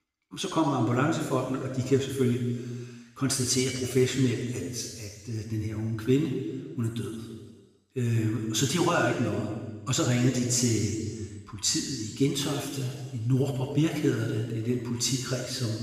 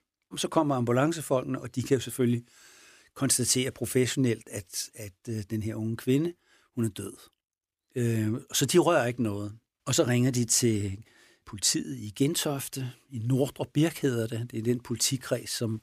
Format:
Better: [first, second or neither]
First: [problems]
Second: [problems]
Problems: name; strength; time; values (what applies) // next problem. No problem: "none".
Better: second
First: room echo; noticeable; dies away in 1.6 s // off-mic speech; somewhat distant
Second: none